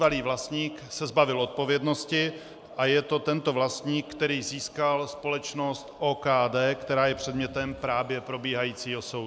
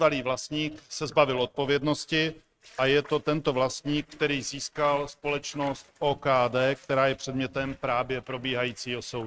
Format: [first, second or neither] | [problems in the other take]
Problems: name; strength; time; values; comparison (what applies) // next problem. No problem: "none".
first | noise reduction (neural mask model RNNoise)